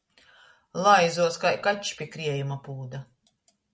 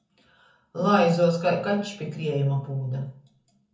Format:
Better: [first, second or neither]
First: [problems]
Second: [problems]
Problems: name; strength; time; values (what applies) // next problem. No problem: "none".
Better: first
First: none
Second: room echo; dies away in 0.6 s